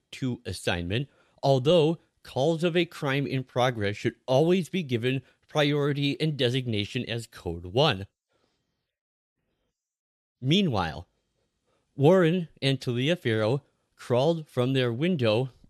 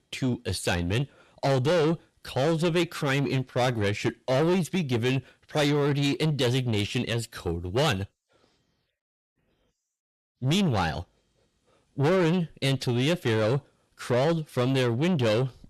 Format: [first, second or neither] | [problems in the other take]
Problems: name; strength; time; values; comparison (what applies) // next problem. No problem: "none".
first | distortion; heavy; 8 dB below the speech